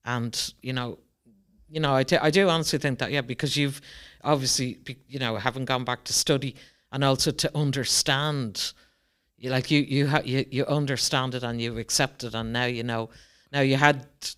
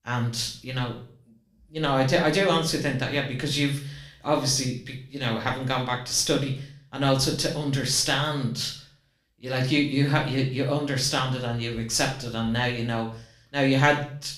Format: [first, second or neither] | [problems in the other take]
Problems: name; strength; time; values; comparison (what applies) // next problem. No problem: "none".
first | room echo; slight; dies away in 0.4 s // off-mic speech; somewhat distant